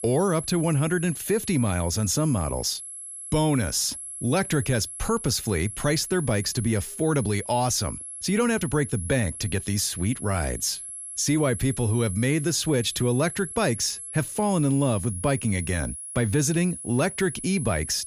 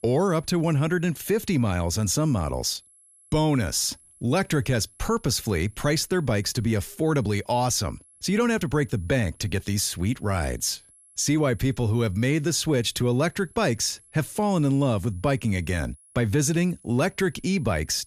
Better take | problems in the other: second | high-pitched whine; loud; throughout; 11 kHz, 9 dB below the speech; faint in the second

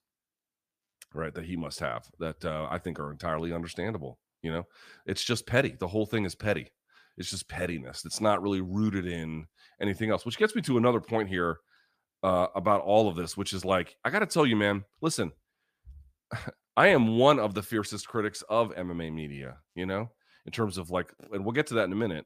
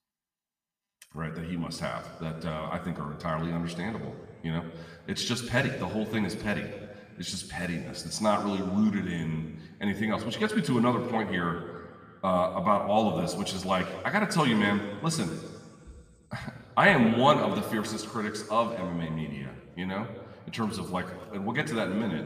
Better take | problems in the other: first | room echo; slight; dies away in 1.6 s

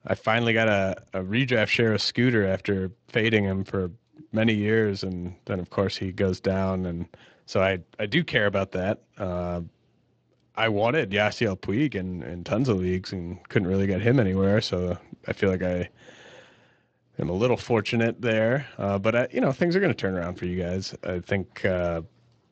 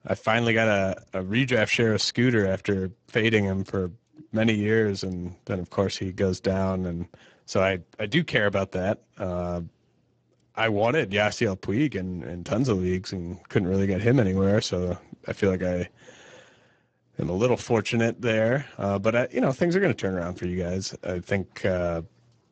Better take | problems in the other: first | garbled, watery; badly; nothing above 7.5 kHz; slightly in the first

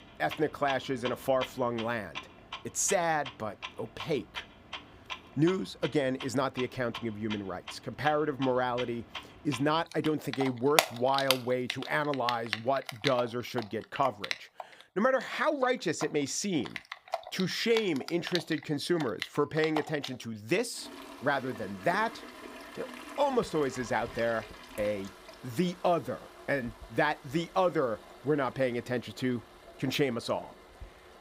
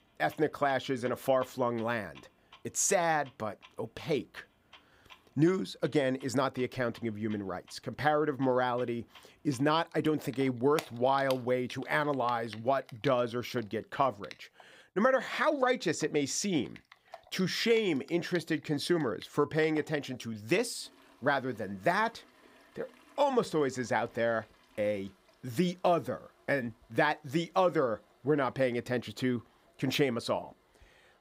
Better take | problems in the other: second | household noises; loud; throughout; 8 dB below the speech; faint in the second

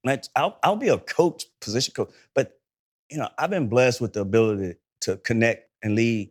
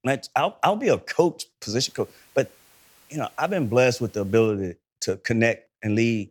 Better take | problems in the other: first | hiss; faint; from 2 to 4.5 s; 30 dB below the speech

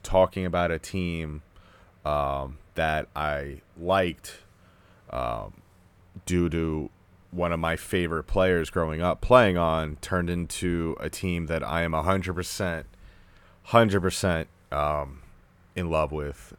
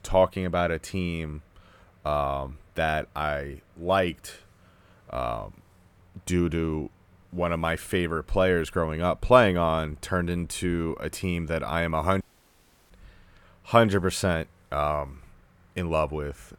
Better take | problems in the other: first | audio cutting out; at 12 s for 0.5 s

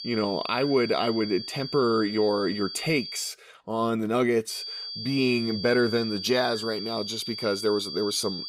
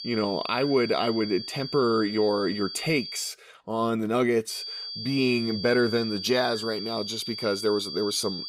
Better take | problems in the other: neither | high-pitched whine; loud; until 3.5 s and from 4.5 s on; 4.5 kHz, 8 dB below the speech; the same in both

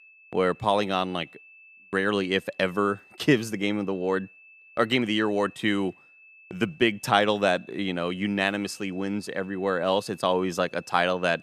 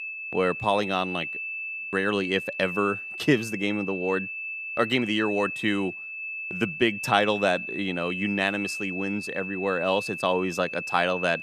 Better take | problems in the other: first | high-pitched whine; loud; throughout; 2.5 kHz, 6 dB below the speech; faint in the first

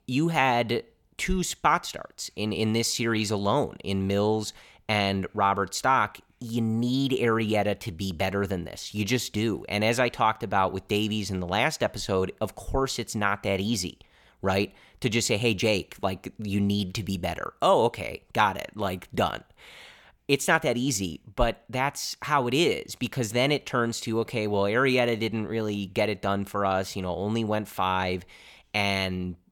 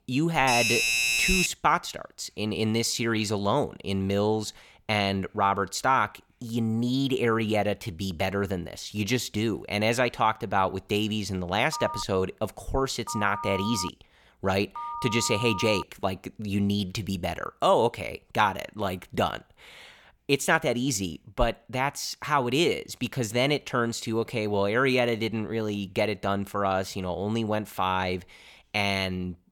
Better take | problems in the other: first | doorbell; loud; until 1.5 s; peak 5 dB above the speech // phone ringing; noticeable; from 12 to 16 s; peak 7 dB below the speech

